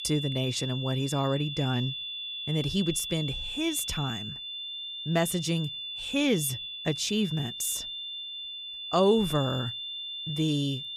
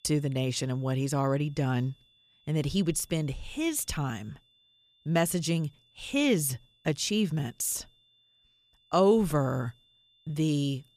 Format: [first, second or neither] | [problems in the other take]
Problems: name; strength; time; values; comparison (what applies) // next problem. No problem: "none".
second | high-pitched whine; loud; throughout; 3.5 kHz, 5 dB below the speech; faint in the second